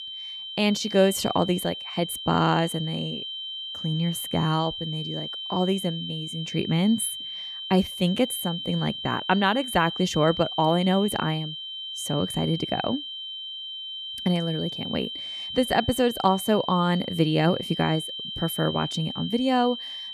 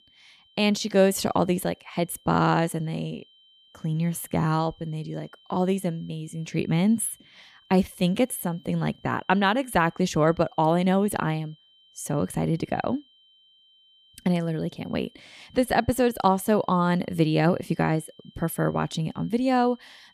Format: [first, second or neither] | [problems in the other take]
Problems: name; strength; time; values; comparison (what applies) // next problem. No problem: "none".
second | high-pitched whine; loud; throughout; 3 kHz, 7 dB below the speech; faint in the second